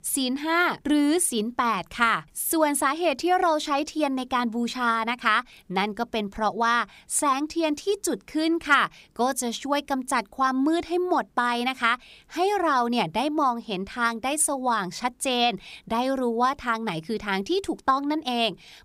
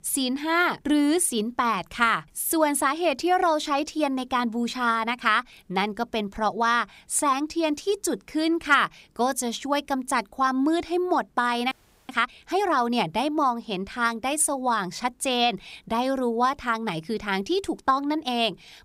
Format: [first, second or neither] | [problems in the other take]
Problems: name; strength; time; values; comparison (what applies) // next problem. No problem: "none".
first | audio freezing; at 12 s